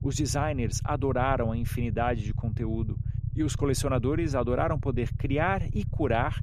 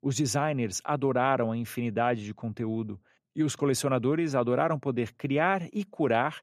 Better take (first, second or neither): second